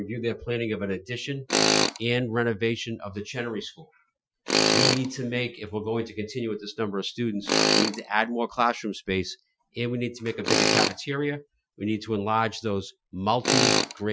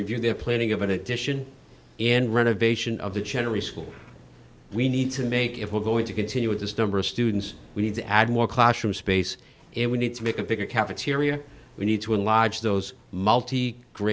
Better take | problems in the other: second | noise reduction (classical method Wiener filter)

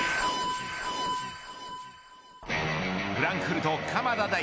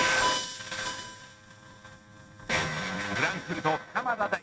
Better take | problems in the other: first | noise reduction (neural mask model RNNoise)

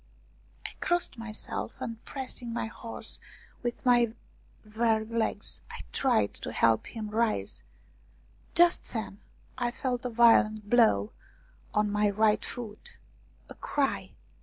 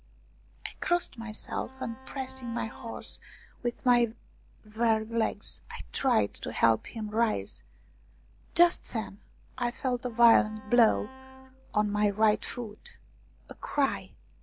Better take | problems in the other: first | background sound (Bowed string instrument); 19 dB below the speech

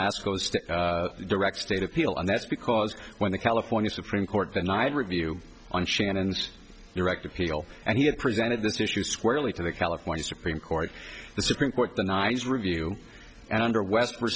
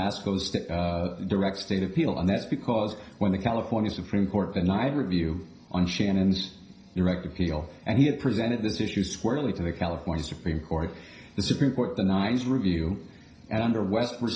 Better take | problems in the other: first | room echo; dies away in 0.5 s

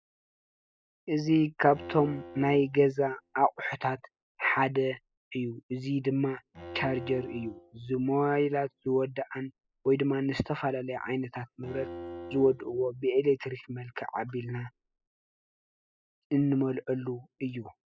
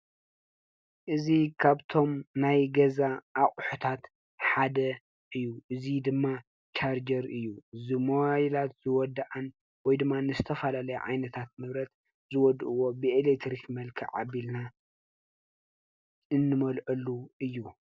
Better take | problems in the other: second | noise reduction (classical method spectral subtraction)

